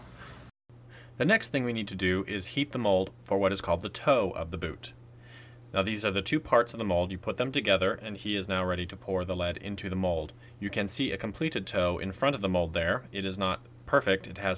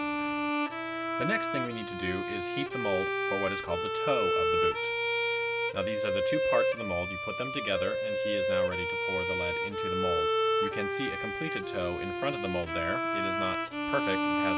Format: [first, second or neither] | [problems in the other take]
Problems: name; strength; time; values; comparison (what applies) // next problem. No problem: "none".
first | background sound (Bowed string instrument); 5 dB above the speech